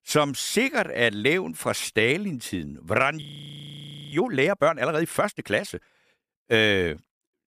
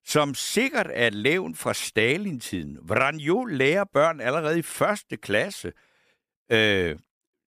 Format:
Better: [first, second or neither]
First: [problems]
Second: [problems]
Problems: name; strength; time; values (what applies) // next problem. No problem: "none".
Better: second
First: audio freezing; at 3 s for 1 s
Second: none